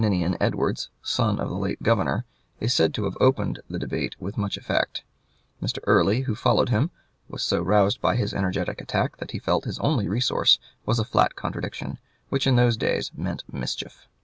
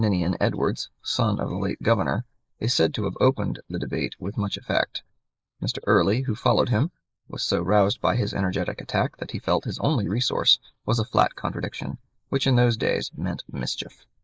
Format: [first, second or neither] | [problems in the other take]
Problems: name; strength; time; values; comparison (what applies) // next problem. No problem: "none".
first | noise reduction (neural mask model Resemble Enhance denoiser)